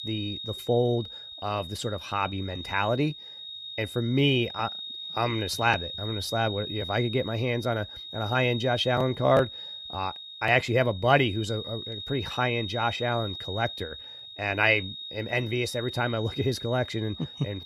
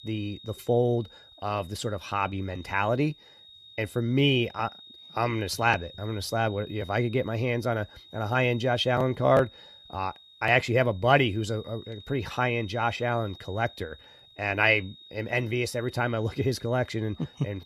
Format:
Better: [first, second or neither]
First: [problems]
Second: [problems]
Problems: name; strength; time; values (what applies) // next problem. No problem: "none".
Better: second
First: high-pitched whine; loud; throughout; 3.5 kHz, 9 dB below the speech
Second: high-pitched whine; faint; throughout; 3.5 kHz, 20 dB below the speech